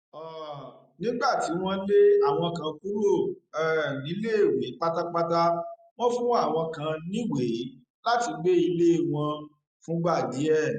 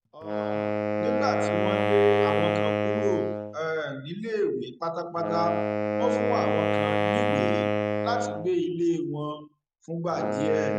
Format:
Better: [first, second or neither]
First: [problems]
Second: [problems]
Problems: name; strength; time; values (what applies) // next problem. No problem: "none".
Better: first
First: none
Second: background sound (Wind instrument, woodwind instrument); 2 dB above the speech